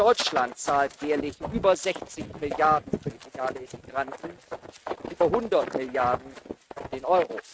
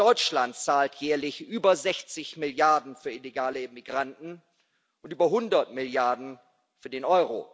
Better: second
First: noise reduction (neural mask model RNNoise)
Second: none

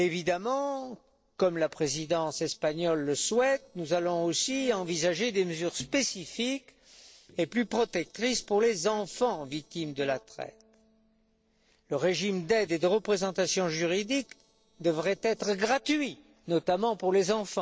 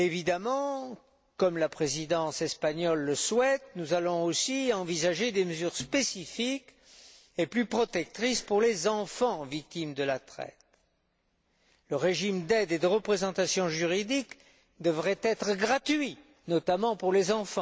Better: second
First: noise reduction (neural separator model SepFormer DNS4)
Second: none

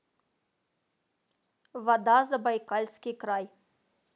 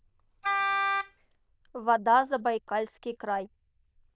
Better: first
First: none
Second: noise reduction (neural diffusion model UNIVERSE++)

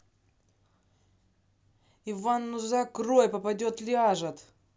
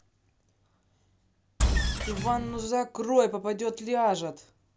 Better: first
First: none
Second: background sound (Engine); 3 dB above the speech

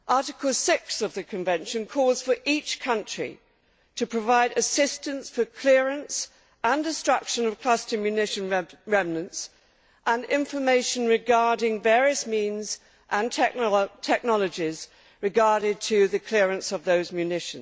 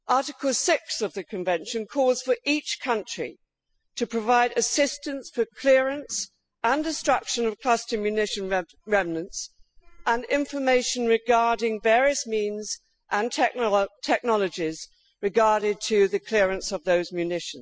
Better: first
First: none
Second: noise reduction (classical method spectral subtraction)

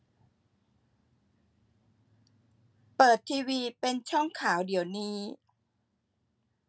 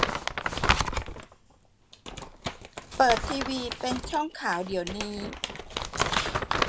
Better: first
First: none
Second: background sound (Crumpling, crinkling); 1 dB above the speech

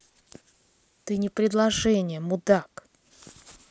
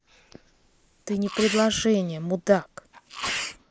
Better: first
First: none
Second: noise reduction (neural mask model Resemble Enhance denoiser)

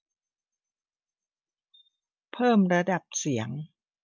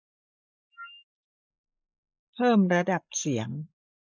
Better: first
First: none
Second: noise reduction (neural mask model Resemble Enhance denoiser)

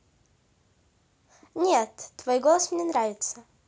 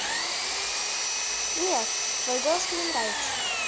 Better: first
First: none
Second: background sound (Power tool); 5 dB above the speech

